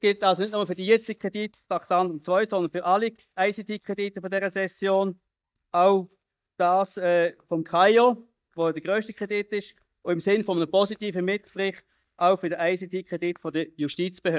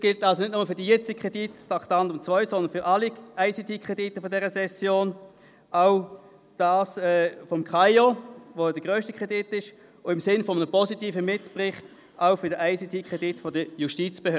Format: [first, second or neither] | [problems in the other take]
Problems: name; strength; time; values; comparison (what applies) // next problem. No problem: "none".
second | noise reduction (neural mask model DeepFilterNet 3)